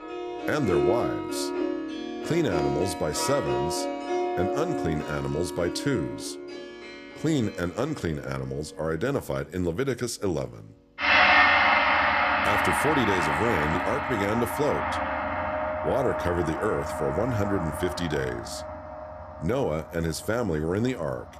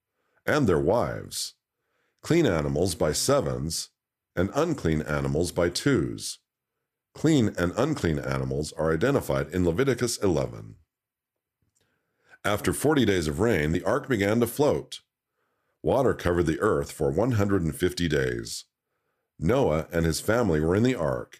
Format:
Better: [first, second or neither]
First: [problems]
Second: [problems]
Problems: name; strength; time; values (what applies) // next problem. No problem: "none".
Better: second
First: background music; very loud; throughout; 3 dB above the speech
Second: none